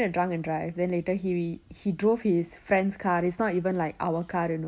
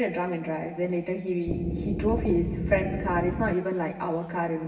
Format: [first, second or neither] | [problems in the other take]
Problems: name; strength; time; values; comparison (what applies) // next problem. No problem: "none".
first | background sound (Wind instrument, woodwind instrument); 2 dB below the speech // room echo; dies away in 2.1 s